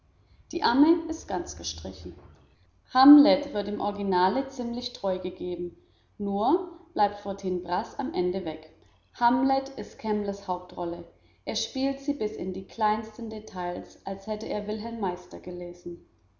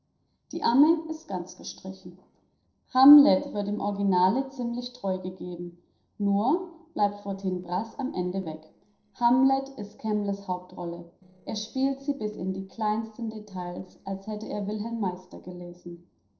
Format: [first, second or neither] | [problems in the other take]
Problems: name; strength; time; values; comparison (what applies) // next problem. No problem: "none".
first | noise reduction (neural separator model SepFormer DNS4)